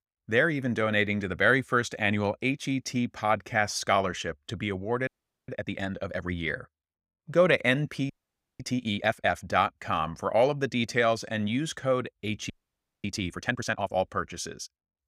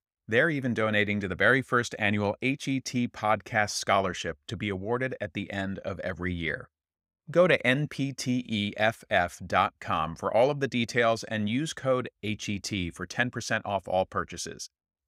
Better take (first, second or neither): second